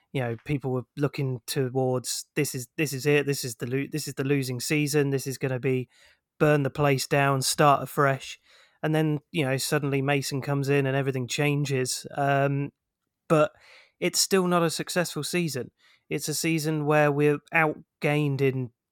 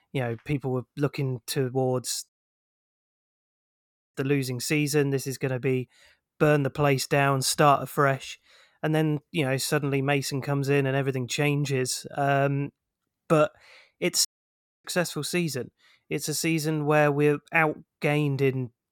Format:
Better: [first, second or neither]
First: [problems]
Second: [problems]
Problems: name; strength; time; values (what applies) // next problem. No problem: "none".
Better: first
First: none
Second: audio cutting out; at 2.5 s for 2 s and at 14 s for 0.5 s